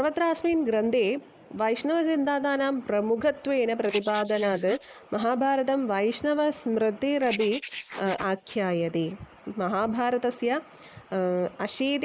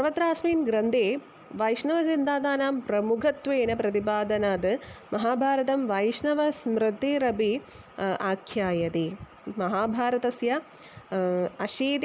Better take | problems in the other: second | noise reduction (neural mask model Resemble Enhance denoiser)

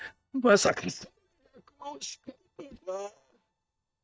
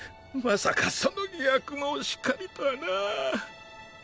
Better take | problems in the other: second | noise reduction (neural mask model DeepFilterNet 3)

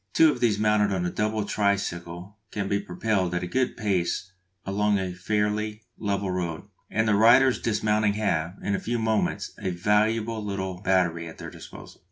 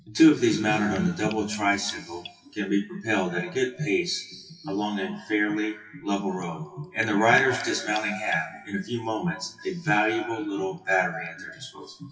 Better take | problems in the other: first | noise reduction (classical method WPE with log-MMSE)

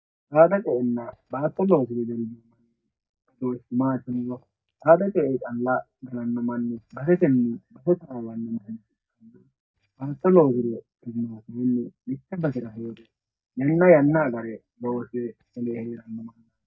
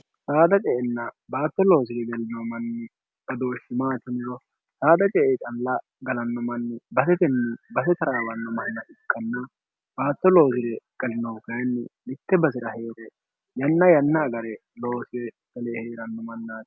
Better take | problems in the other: second | noise reduction (neural mask model DeepFilterNet 3)

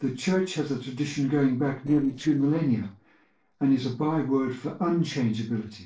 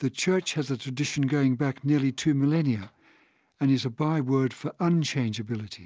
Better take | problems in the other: second | noise reduction (neural separator model SepFormer DNS4)

